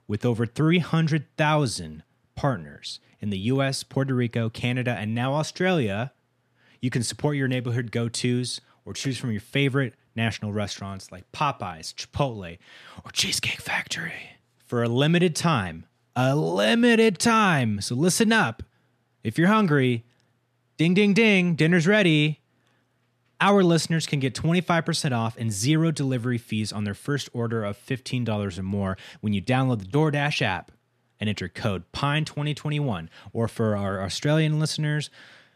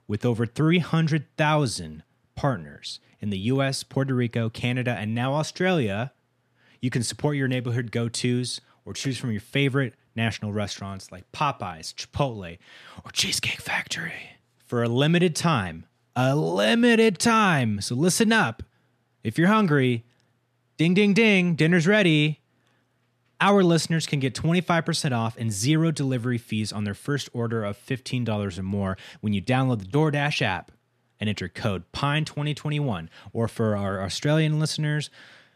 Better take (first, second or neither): neither